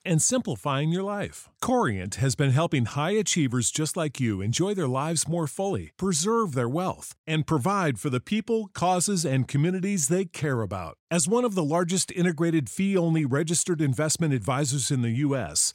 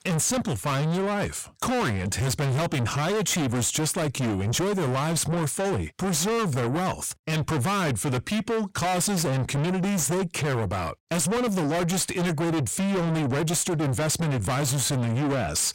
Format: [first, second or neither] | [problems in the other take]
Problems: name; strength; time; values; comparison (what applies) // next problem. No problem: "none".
first | distortion; heavy; 5 dB below the speech